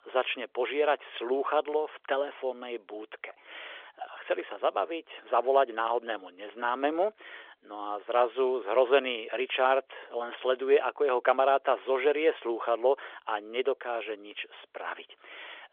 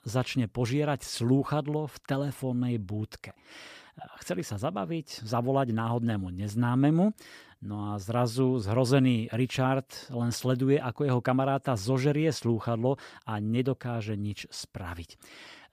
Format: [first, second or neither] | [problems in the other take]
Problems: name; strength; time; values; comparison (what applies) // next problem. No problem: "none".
second | phone-call audio; nothing above 3.5 kHz